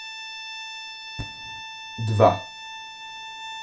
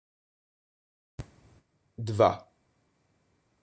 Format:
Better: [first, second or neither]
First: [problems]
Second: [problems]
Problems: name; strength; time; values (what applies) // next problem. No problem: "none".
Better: second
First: background sound (Bowed string instrument); 9 dB below the speech // room echo; dies away in 0.2 s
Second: none